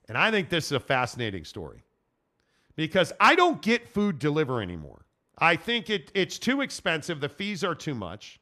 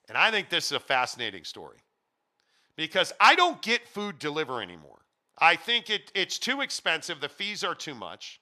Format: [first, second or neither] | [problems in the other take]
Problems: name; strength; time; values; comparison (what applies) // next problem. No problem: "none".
first | thin; somewhat; fading below 750 Hz